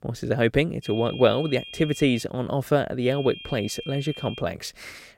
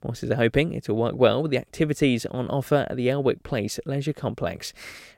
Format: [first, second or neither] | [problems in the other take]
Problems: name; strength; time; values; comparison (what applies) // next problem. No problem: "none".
second | high-pitched whine; noticeable; from 1 to 2 s and from 3 to 4.5 s; 3 kHz, 15 dB below the speech